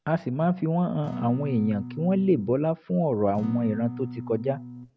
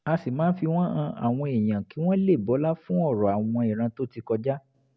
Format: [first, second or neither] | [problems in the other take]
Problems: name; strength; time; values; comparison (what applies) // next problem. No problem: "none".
second | background sound (Acoustic guitar / Strum); 10 dB below the speech